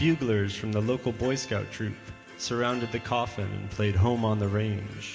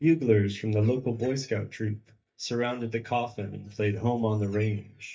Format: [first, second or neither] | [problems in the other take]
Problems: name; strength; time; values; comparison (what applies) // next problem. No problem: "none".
first | noise reduction (neural mask model DeepFilterNet 3)